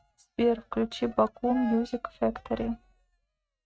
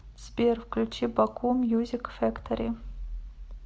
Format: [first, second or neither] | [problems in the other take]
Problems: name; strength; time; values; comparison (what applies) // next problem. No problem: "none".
second | noise reduction (neural mask model RNNoise)